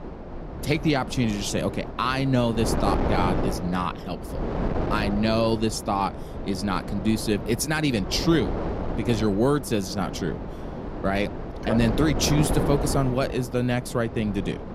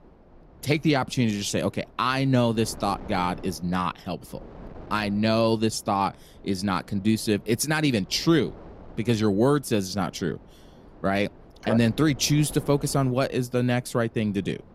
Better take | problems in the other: second | wind noise on the microphone; heavy; 7 dB below the speech; occasional gusts in the second

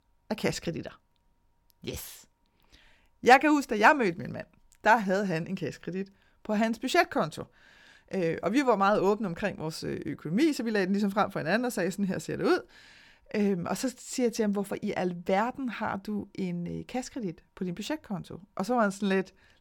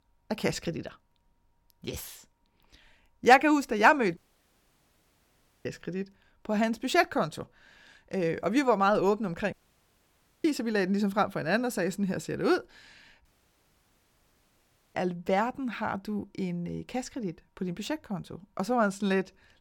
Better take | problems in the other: first | audio cutting out; at 4 s for 1.5 s, at 9.5 s for 1 s and at 13 s for 1.5 s

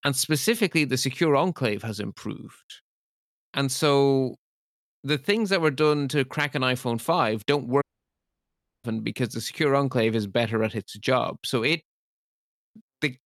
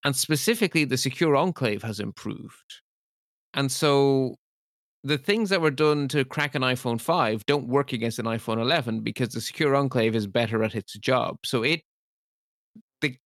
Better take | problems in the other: second | audio cutting out; at 8 s for 1 s

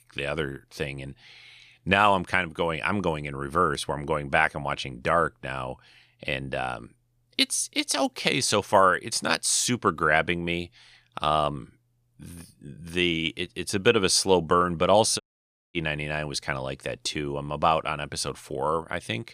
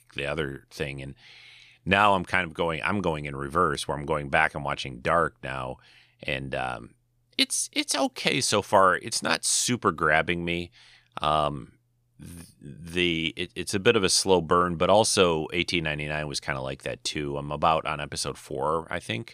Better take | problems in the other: second | audio cutting out; at 15 s for 0.5 s

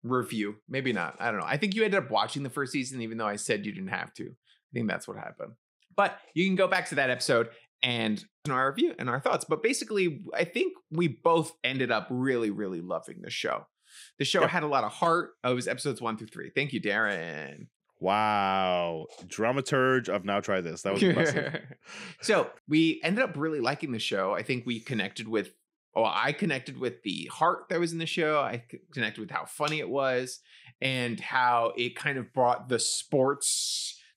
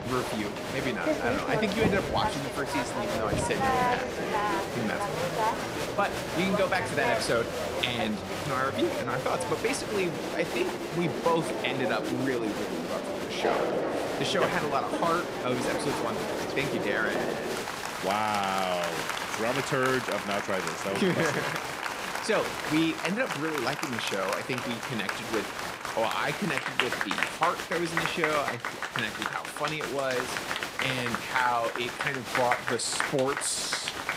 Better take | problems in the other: first | crowd noise; loud; throughout; 1 dB below the speech

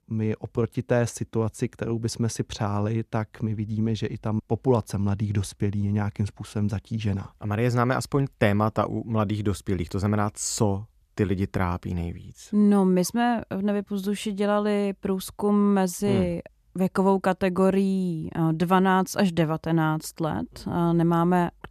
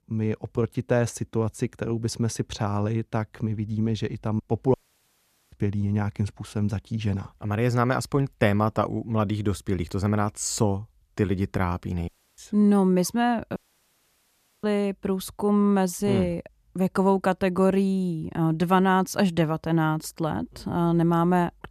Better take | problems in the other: first | audio cutting out; at 4.5 s for 1 s, at 12 s and at 14 s for 1 s

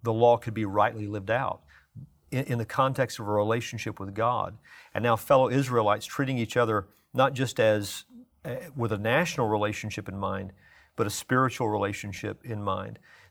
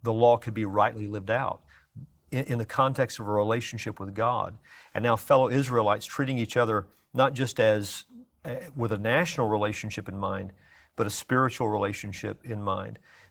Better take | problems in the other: first | garbled, watery; slightly; nothing above 19 kHz

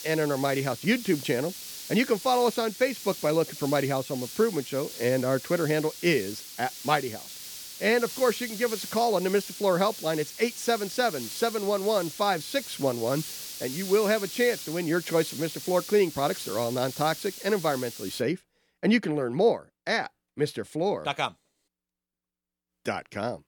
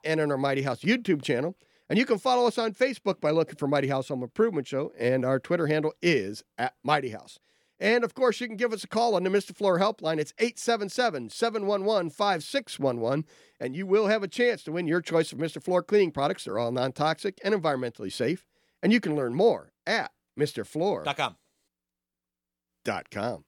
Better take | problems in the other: second | hiss; noticeable; until 18 s; 10 dB below the speech

